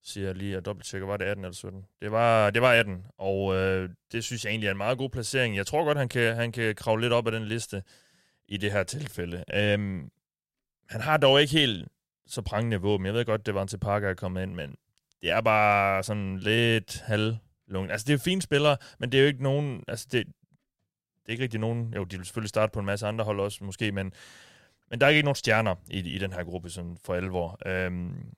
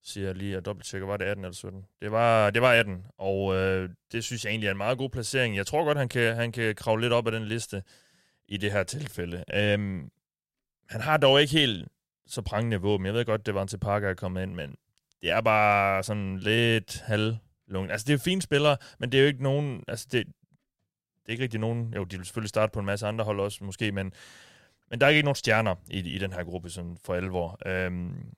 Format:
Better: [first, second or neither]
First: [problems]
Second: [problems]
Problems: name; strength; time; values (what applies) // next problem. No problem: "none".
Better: neither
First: none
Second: none